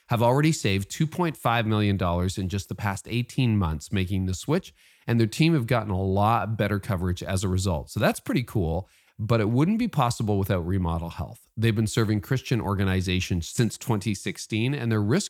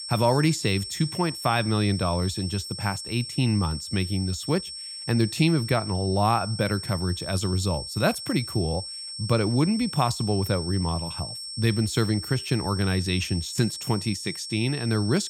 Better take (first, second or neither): first